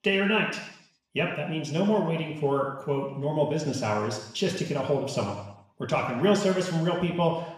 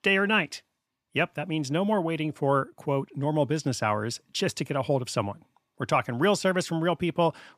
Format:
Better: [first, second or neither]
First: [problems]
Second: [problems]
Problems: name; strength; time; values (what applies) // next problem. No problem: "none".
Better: second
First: room echo; noticeable; dies away in 0.8 s // off-mic speech; far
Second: none